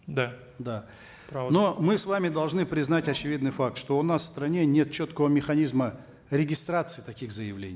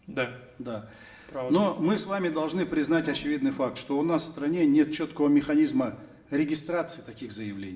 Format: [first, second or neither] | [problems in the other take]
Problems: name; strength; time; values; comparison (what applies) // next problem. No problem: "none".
first | room echo; dies away in 0.8 s